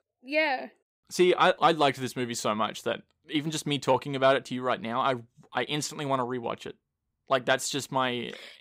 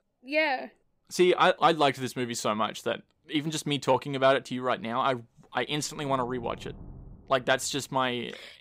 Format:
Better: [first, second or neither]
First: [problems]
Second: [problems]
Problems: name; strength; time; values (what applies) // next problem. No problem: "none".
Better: first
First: none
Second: rain or running water; faint; throughout; 20 dB below the speech